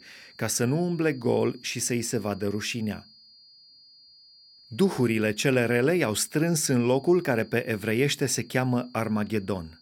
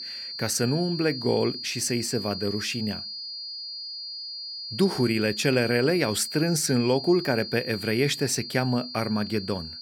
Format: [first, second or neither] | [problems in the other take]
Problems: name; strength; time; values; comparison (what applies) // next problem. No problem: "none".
first | high-pitched whine; loud; throughout; 5 kHz, 8 dB below the speech; faint in the first